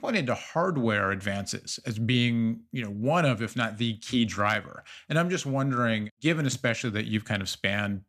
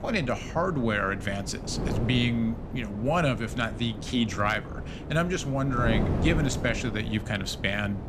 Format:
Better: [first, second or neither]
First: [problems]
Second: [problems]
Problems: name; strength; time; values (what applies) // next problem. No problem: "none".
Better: first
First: none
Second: wind noise on the microphone; occasional gusts; 10 dB below the speech